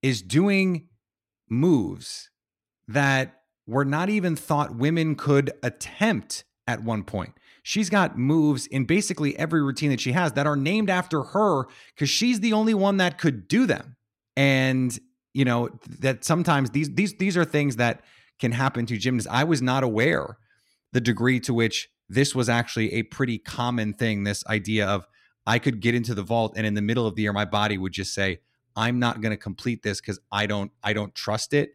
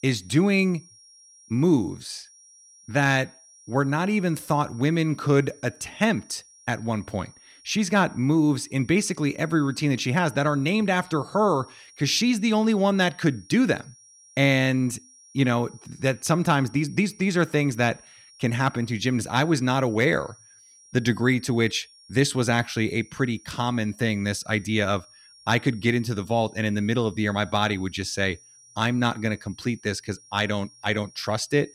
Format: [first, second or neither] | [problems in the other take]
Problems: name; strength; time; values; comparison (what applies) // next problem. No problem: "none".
first | high-pitched whine; faint; throughout; 5.5 kHz, 25 dB below the speech